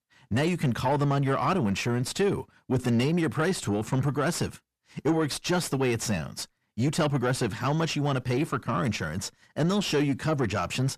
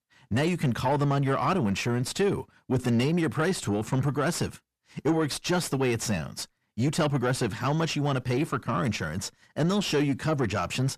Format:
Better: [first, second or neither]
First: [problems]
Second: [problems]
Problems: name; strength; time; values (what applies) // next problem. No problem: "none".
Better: neither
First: distortion; slight; 10 dB below the speech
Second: distortion; slight; 10 dB below the speech